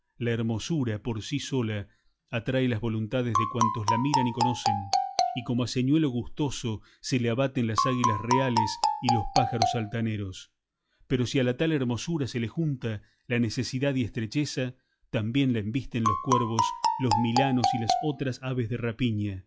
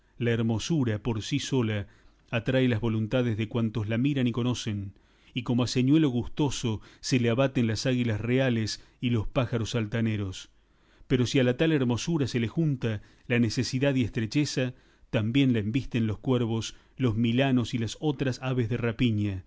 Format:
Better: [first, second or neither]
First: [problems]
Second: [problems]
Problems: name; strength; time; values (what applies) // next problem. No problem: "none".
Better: second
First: noise reduction (classical method log-MMSE)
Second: none